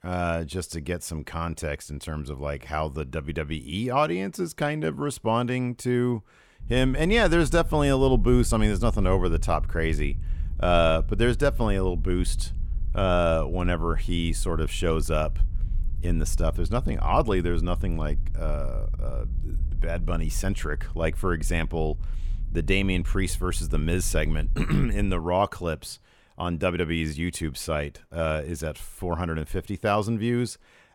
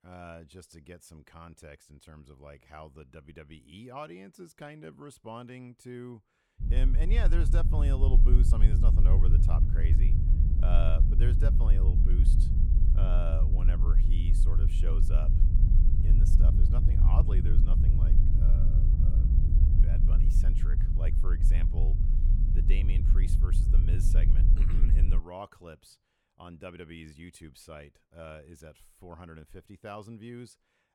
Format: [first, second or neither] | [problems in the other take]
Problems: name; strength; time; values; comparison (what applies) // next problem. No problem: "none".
first | low rumble; loud; from 6.5 to 25 s; as loud as the speech; faint in the first